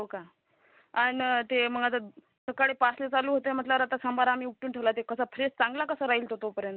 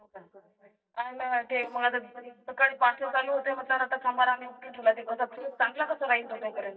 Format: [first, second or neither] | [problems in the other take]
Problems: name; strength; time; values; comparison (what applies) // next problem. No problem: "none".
first | noise reduction (neural mask model DeepFilterNet 3)